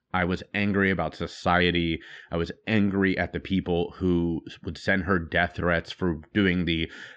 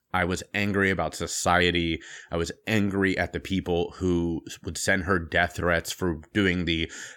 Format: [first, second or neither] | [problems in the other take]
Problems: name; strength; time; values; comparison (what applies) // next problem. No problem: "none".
second | muffled; slightly; fading above 4 kHz